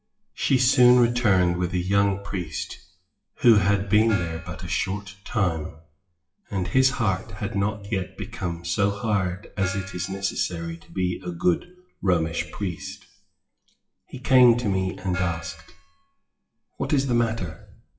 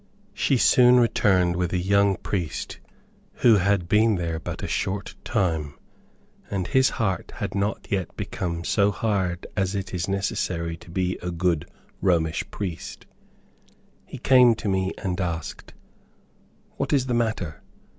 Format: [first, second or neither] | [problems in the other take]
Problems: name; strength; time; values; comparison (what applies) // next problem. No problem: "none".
second | noise reduction (classical method WPE with log-MMSE)